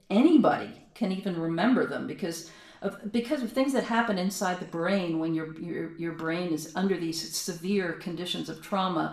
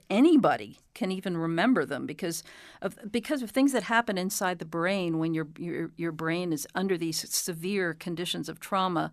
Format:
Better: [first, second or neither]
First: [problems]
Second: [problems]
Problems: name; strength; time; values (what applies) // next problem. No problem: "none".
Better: second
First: room echo; slight; dies away in 0.5 s // off-mic speech; somewhat distant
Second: none